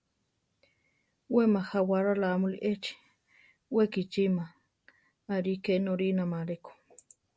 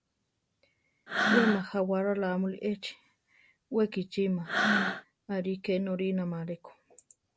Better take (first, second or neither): first